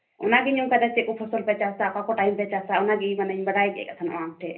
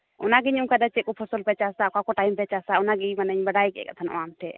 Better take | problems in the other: second | room echo; dies away in 0.3 s

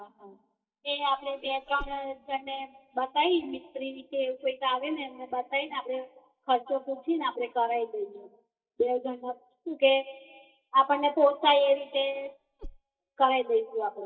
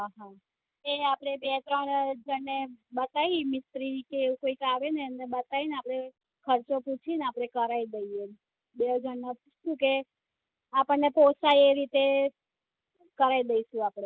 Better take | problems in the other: second | noise reduction (neural mask model DeepFilterNet 3)

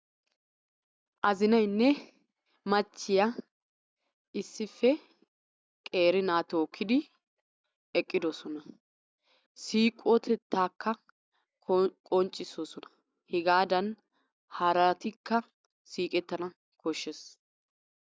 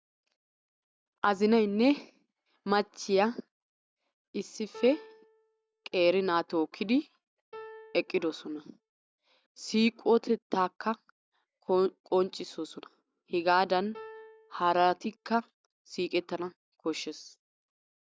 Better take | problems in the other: first | background sound (Piano); 19 dB below the speech

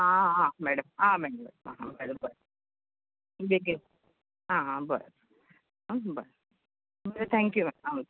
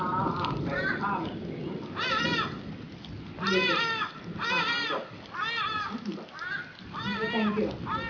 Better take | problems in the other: first | background sound (Thunderstorm); 3 dB above the speech // room echo; dies away in 0.6 s

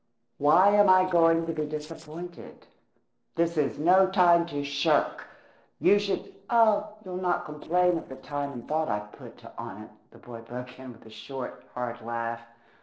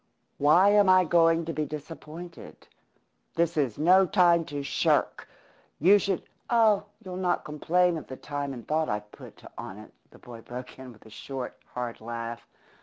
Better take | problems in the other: second | noise reduction (neural separator model SepFormer DNS4)

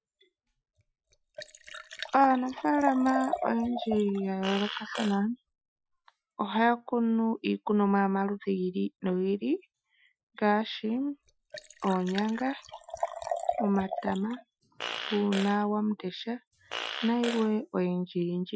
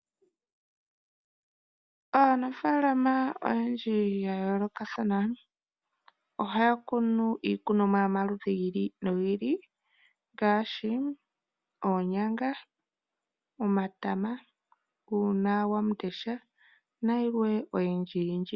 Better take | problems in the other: second | noise reduction (classical method Wiener filter)

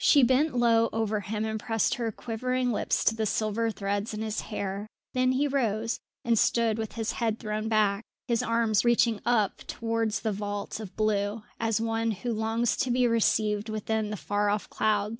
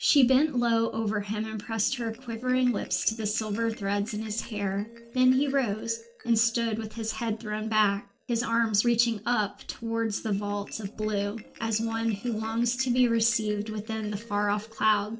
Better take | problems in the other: first | noise reduction (neural separator model SepFormer DNS4)

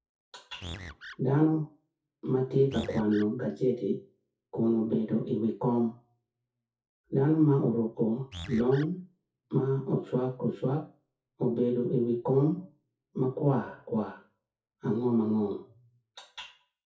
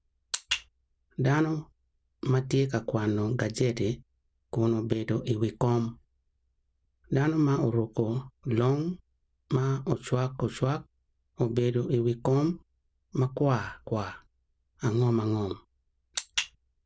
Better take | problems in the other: second | noise reduction (classical method WPE with log-MMSE)

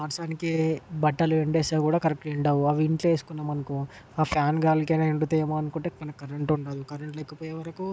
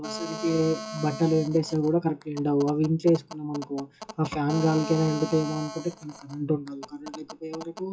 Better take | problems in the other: first | noise reduction (classical method WPE with log-MMSE)

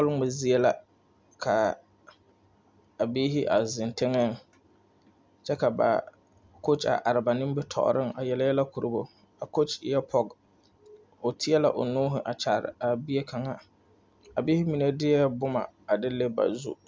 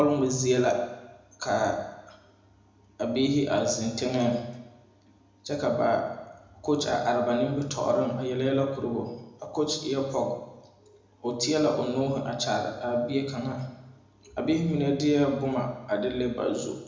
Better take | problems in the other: first | room echo; dies away in 0.9 s

